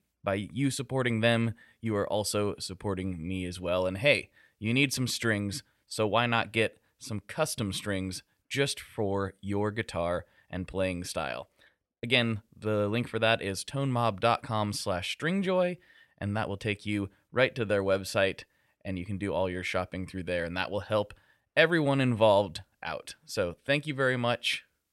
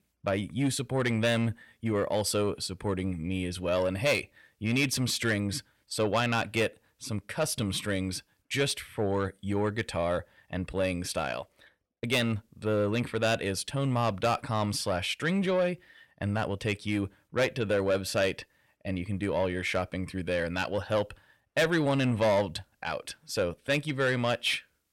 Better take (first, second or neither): first